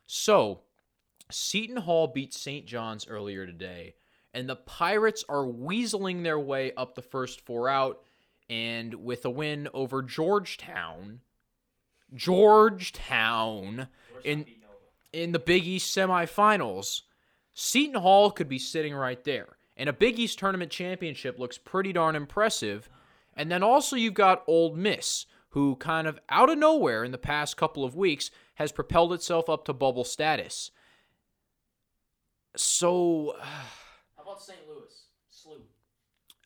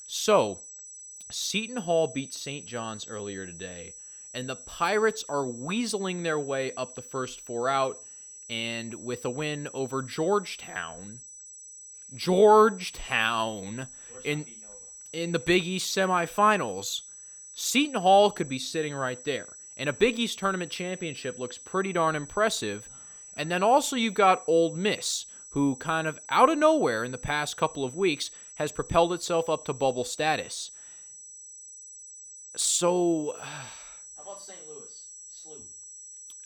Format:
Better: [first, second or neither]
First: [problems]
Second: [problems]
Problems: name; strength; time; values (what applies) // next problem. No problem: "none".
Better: first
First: none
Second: high-pitched whine; noticeable; throughout; 8 kHz, 15 dB below the speech